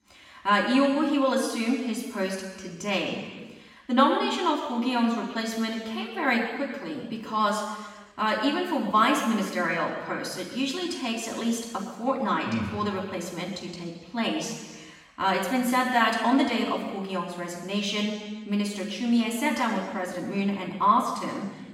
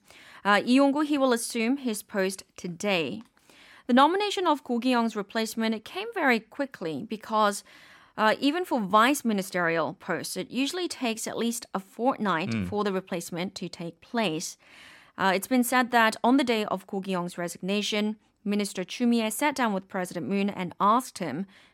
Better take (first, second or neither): second